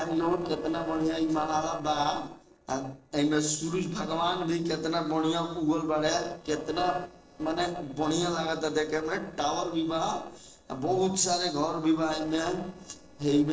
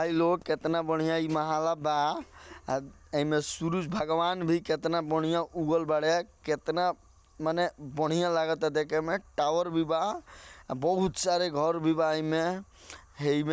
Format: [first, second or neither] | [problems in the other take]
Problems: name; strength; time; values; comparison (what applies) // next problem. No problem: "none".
second | noise reduction (neural separator model SepFormer DNS4)